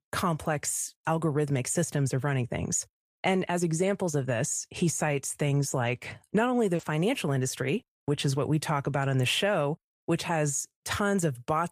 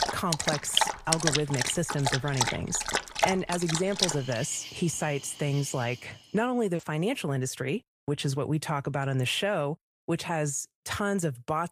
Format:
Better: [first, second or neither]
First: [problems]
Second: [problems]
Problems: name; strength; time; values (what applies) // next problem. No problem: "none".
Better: first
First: none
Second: animal sounds; very loud; until 6 s; 1 dB above the speech